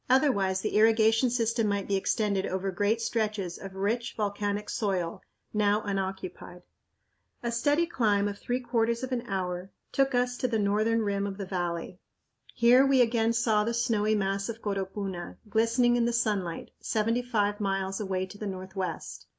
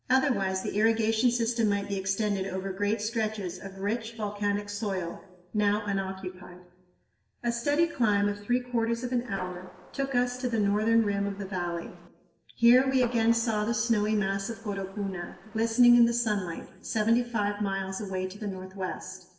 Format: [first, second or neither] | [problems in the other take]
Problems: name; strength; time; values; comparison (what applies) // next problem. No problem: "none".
first | noise reduction (neural separator model SepFormer DNS4)